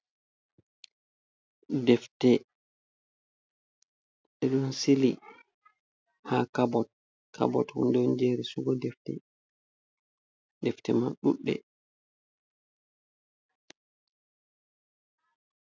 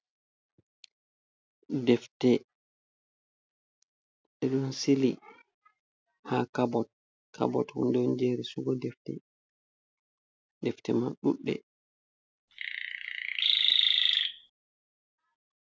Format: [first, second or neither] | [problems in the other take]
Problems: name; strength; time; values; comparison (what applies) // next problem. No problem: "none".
first | background sound (Chirp, tweet); 5 dB above the speech